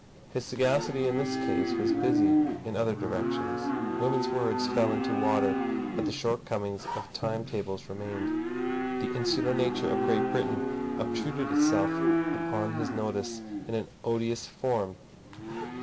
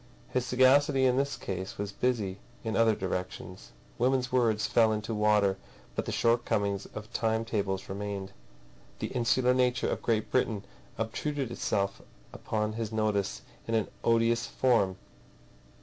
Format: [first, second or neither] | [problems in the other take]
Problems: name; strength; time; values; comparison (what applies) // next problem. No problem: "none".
second | background sound (Livestock, farm animals, working animals); 2 dB above the speech